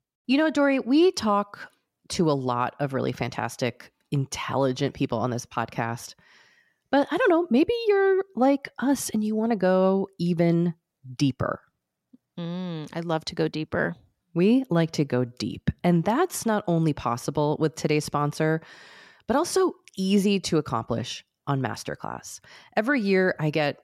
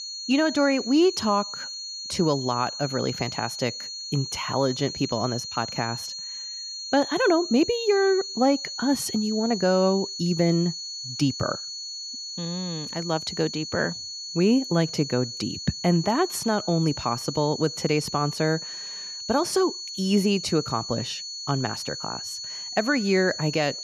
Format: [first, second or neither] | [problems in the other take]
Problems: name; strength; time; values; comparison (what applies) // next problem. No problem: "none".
first | high-pitched whine; loud; throughout; 4.5 kHz, 7 dB below the speech